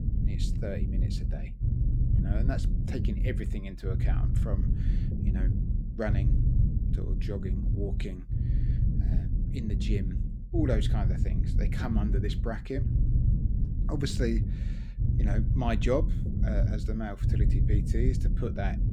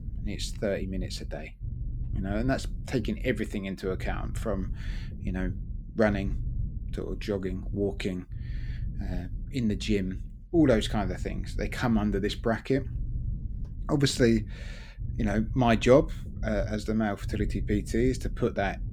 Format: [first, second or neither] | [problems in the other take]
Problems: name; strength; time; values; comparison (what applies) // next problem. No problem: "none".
second | low rumble; loud; throughout; 5 dB below the speech; faint in the second